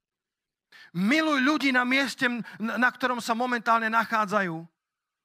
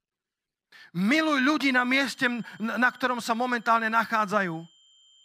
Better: first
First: none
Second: high-pitched whine; faint; from 1.5 s on; 3 kHz, 30 dB below the speech

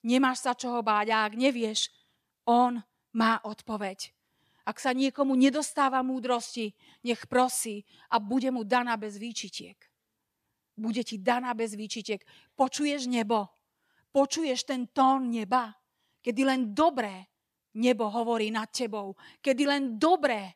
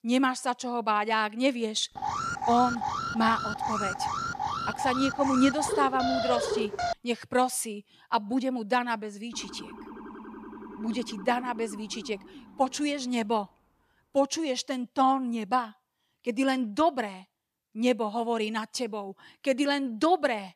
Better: first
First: none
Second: alarm; loud; from 2 to 7 s; peak level with the speech // siren; faint; from 9.5 to 13 s; peak 15 dB below the speech

